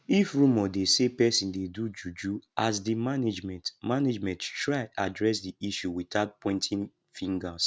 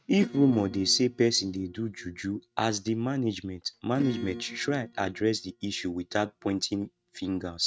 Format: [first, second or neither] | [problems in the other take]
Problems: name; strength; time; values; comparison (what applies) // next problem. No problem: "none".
first | noise reduction (neural mask model RNNoise)